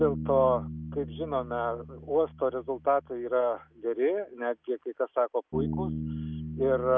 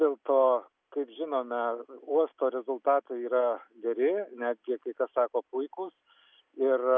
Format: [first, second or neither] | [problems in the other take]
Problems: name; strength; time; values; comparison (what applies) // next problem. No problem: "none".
second | background sound (Bass guitar); 9 dB below the speech